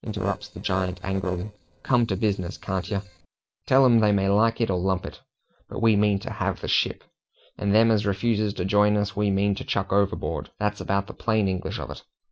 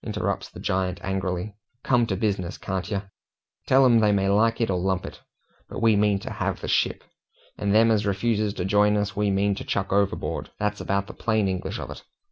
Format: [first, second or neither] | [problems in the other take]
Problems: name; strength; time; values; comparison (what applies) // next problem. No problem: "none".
second | noise reduction (neural separator model SepFormer DNS4)